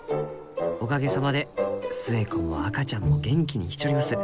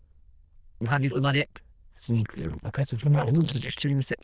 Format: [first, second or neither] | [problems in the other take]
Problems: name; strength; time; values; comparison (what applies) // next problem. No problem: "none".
first | noise reduction (neural diffusion model UNIVERSE++)